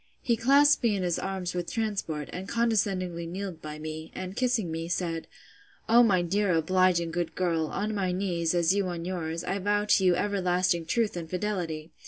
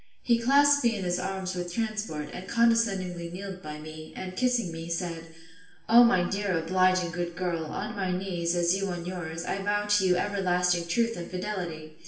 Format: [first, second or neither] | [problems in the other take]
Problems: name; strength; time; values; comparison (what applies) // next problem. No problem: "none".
first | room echo; dies away in 0.9 s